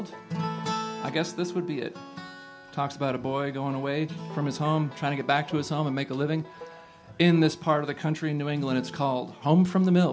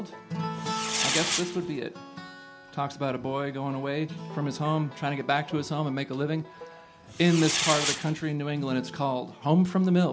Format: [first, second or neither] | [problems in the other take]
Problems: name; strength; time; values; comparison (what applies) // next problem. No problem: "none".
first | background sound (Fireworks); 2 dB below the speech